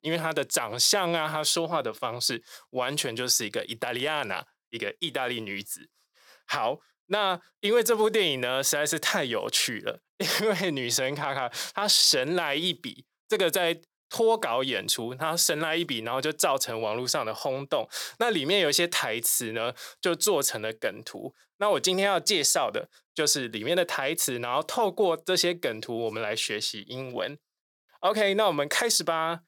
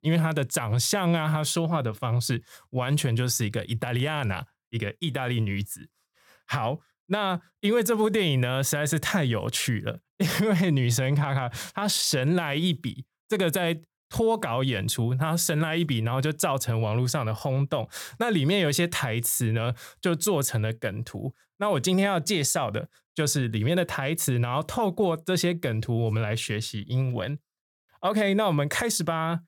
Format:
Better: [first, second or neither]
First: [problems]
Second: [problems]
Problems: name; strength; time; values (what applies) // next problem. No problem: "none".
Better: second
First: thin; somewhat; fading below 400 Hz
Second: none